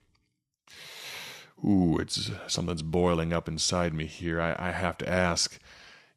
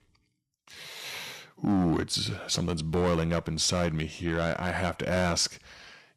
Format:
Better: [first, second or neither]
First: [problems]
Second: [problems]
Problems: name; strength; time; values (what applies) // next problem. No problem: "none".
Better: first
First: none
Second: distortion; slight; 6% of the sound clipped